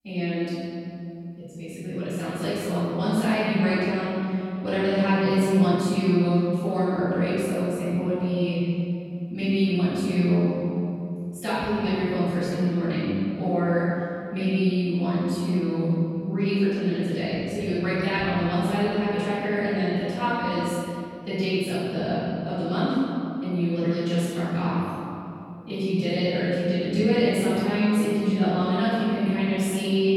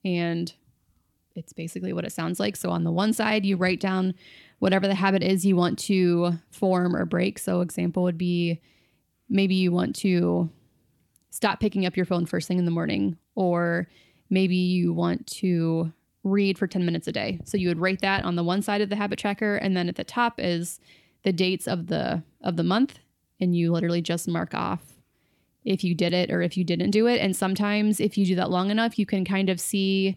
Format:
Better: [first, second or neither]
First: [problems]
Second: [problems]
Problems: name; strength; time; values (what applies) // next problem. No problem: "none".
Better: second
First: off-mic speech; far // room echo; strong; dies away in 2.6 s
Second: none